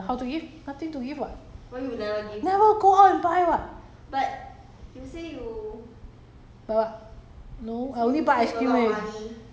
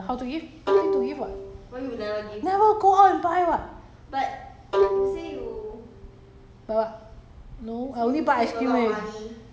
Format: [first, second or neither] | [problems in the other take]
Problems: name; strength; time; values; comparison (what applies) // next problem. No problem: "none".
first | background sound (Bowed string instrument); 3 dB below the speech